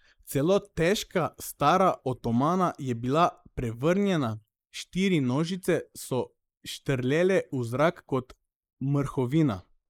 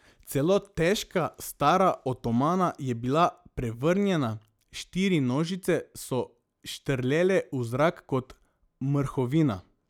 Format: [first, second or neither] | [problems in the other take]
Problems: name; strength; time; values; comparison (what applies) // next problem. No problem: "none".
second | noise reduction (neural mask model Resemble Enhance denoiser)